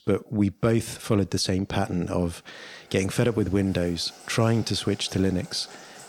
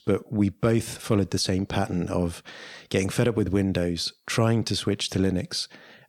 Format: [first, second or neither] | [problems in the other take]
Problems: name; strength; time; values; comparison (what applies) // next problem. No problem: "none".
second | household noises; faint; throughout; 20 dB below the speech